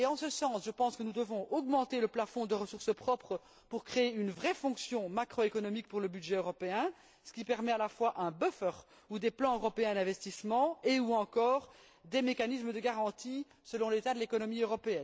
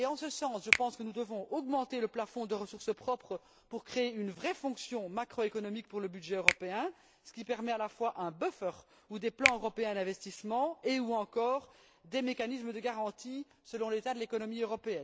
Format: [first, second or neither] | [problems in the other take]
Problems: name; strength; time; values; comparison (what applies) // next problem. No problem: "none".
first | background sound (Finger snapping); 2 dB below the speech